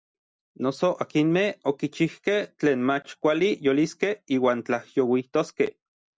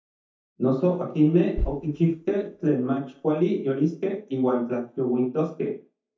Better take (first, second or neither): first